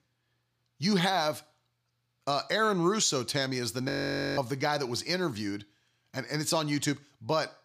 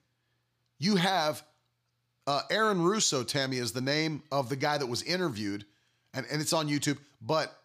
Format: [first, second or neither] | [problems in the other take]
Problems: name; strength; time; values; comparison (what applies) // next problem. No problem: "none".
second | audio freezing; at 4 s